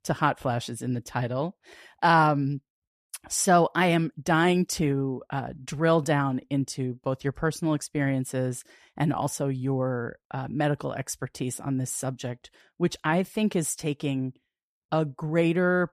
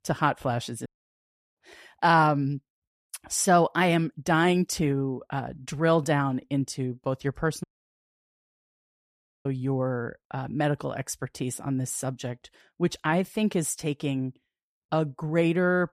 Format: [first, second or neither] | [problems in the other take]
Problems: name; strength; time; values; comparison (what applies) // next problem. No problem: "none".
first | audio cutting out; at 1 s for 0.5 s and at 7.5 s for 2 s